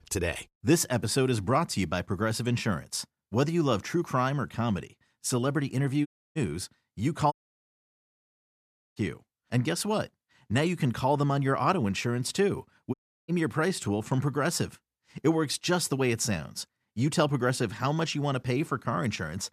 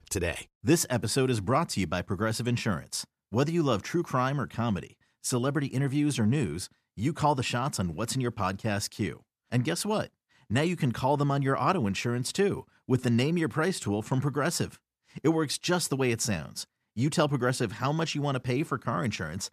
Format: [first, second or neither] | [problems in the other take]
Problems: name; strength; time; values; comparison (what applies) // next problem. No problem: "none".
second | audio cutting out; at 6 s, at 7.5 s for 1.5 s and at 13 s